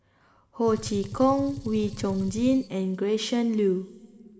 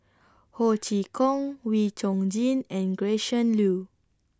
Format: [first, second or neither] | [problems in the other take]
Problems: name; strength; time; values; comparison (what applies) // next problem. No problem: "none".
second | background sound (Gunshot, gunfire); 13 dB below the speech // room echo; dies away in 3 s